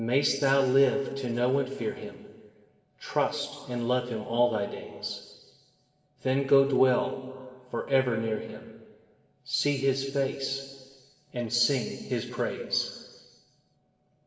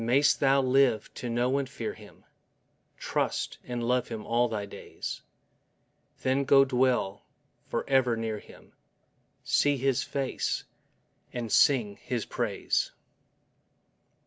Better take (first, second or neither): second